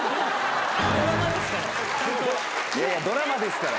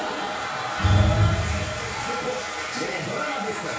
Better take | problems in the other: first | room echo; dies away in 0.6 s

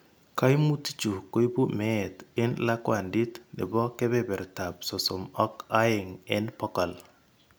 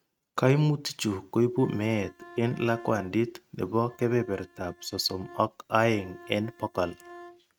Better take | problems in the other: first | noise reduction (neural mask model RNNoise)

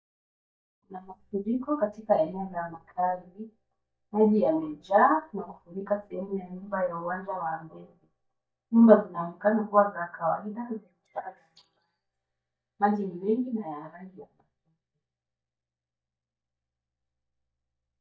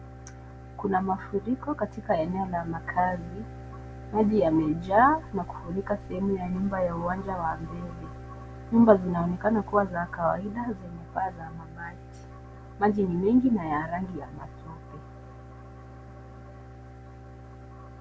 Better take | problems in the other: second | noise reduction (neural mask model DeepFilterNet 3)

